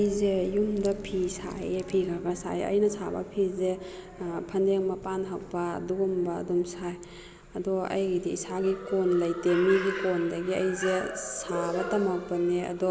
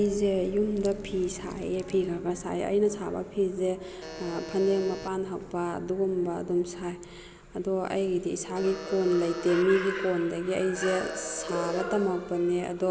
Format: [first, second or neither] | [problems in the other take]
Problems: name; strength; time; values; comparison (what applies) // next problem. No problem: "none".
first | background sound (Alarm); 14 dB below the speech